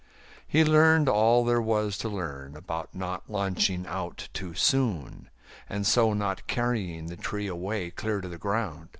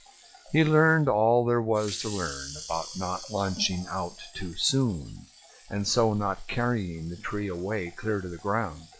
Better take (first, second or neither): first